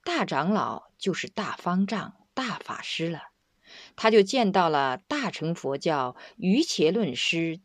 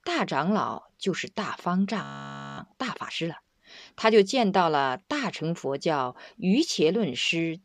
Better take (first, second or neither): first